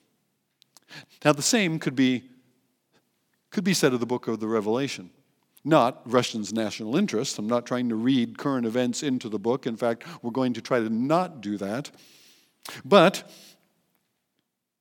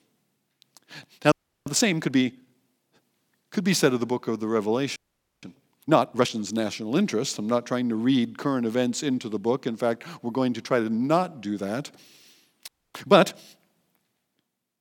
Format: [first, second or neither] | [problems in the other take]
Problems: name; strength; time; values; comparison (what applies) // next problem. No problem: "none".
first | audio freezing; at 1.5 s, at 5 s and at 13 s